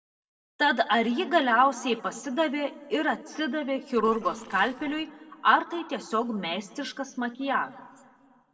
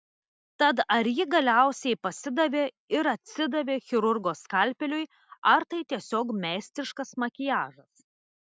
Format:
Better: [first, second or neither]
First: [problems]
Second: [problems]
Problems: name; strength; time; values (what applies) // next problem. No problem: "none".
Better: second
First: noise reduction (neural separator model SepFormer DNS4)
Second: none